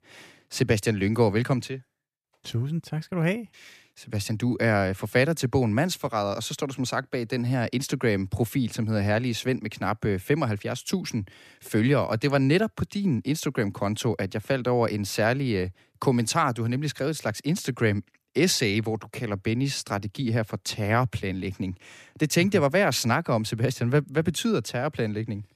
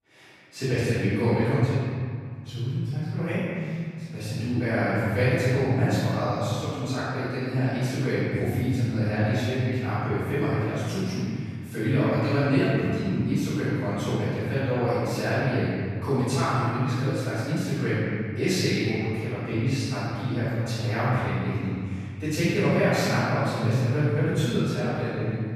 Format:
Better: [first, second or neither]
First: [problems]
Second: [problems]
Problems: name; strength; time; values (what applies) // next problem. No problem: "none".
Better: first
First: none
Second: off-mic speech; far // room echo; strong; dies away in 2.5 s